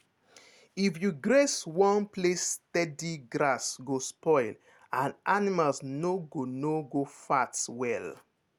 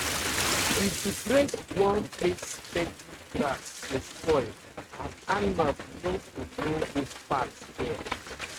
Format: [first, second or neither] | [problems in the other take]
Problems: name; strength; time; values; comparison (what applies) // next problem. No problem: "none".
first | noise reduction (neural mask model RNNoise)